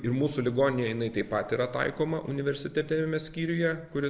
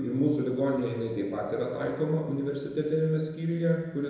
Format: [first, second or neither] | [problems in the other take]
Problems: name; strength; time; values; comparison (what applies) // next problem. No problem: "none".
first | room echo; dies away in 1 s